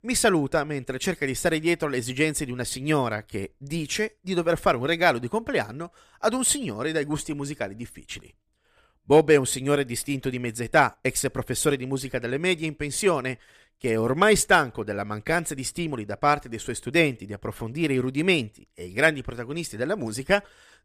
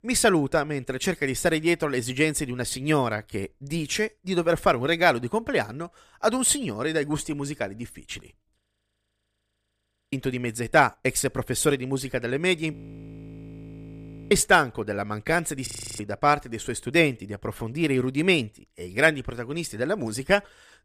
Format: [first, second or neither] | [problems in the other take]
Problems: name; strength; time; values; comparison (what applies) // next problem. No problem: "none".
first | audio freezing; at 8.5 s for 1.5 s, at 13 s for 1.5 s and at 16 s